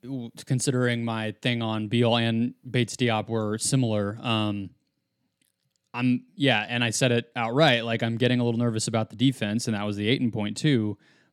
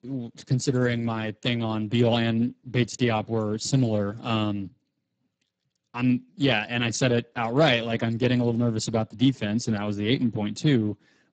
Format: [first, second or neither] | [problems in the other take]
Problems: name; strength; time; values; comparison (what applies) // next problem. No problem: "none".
first | garbled, watery; badly; nothing above 7.5 kHz